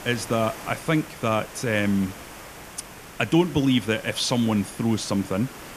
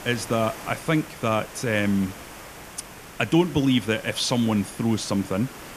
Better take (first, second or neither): neither